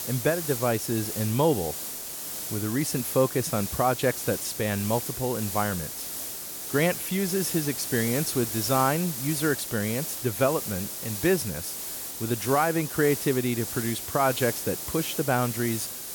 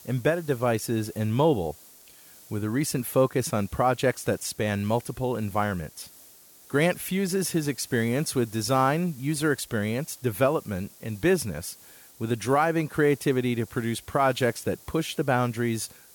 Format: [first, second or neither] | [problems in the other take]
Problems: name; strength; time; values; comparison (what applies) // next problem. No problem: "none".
second | hiss; loud; throughout; 5 dB below the speech; faint in the second